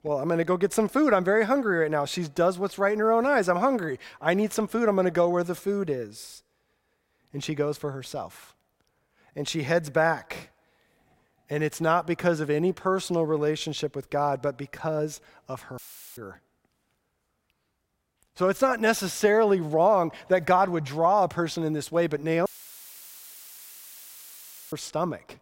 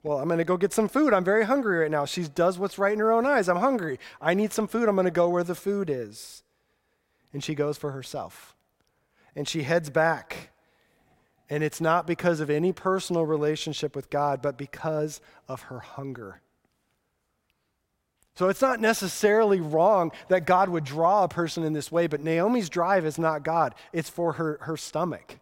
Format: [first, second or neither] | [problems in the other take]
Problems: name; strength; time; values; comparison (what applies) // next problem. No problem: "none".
second | audio cutting out; filled with static; at 16 s and at 22 s for 2.5 s